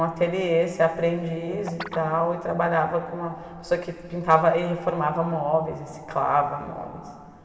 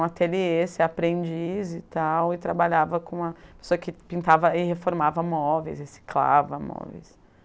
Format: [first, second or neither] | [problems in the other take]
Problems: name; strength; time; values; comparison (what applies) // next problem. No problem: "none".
second | background sound (Guitar); 17 dB below the speech // room echo; dies away in 2.4 s